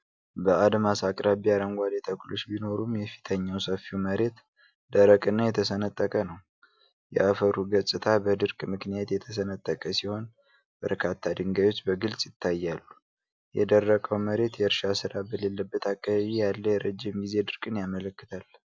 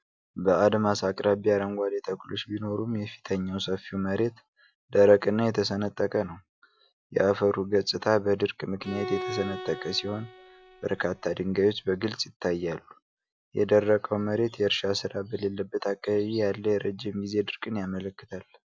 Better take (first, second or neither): first